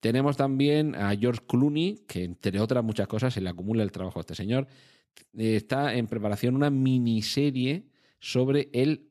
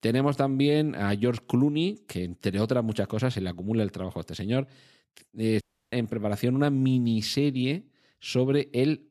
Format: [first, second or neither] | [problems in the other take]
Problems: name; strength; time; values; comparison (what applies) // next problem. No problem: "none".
first | audio cutting out; at 5.5 s